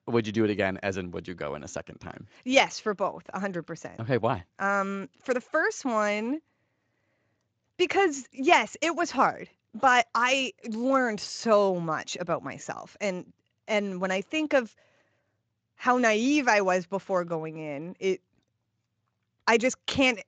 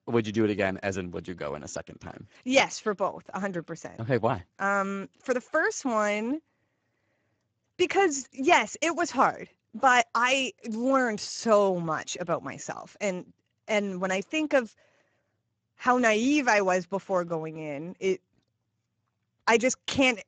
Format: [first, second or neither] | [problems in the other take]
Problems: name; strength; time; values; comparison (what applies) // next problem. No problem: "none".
first | garbled, watery; badly; nothing above 7.5 kHz; slightly in the first